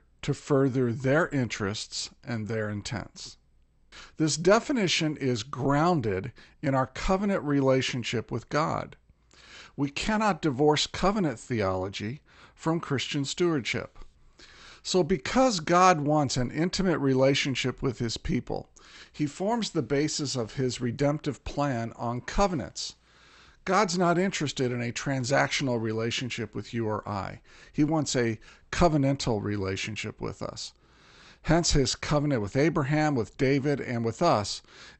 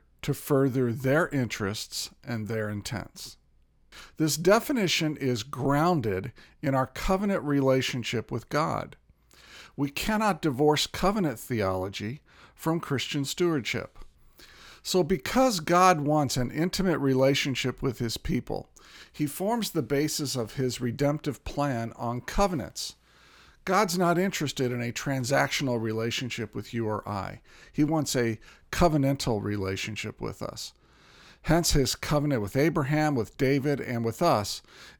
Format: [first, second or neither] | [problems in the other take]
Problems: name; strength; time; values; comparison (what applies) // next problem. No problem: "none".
second | garbled, watery; slightly; nothing above 8 kHz